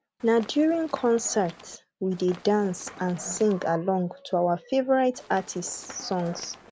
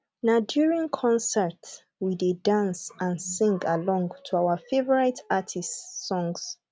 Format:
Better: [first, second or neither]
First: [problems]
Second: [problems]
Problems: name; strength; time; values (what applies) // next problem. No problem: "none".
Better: second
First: background sound (Run); 19 dB below the speech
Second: none